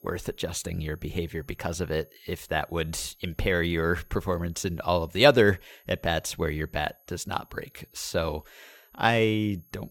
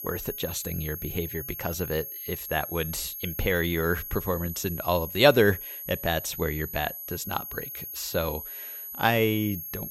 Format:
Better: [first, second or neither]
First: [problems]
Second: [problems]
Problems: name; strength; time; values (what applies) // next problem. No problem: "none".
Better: first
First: high-pitched whine; faint; throughout; 12 kHz, 30 dB below the speech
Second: high-pitched whine; loud; throughout; 12 kHz, 7 dB below the speech